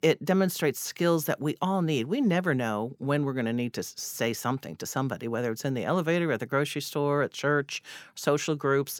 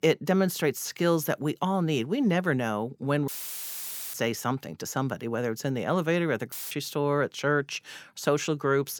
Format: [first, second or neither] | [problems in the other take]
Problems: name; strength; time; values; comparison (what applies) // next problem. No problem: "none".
first | audio cutting out; filled with static; at 3.5 s for 1 s and at 6.5 s